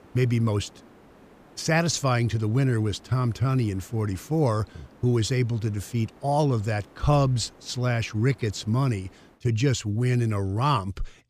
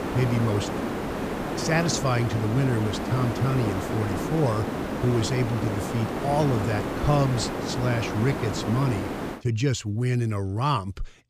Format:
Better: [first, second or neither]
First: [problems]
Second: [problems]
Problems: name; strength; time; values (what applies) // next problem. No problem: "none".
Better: first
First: hiss; faint; until 9.5 s; 25 dB below the speech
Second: hiss; loud; until 9.5 s; 3 dB below the speech